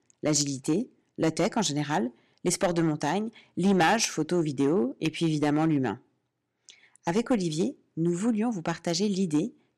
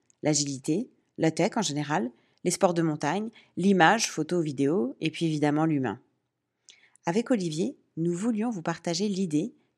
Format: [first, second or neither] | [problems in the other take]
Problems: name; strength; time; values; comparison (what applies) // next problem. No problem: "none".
second | distortion; slight; 3% of the sound clipped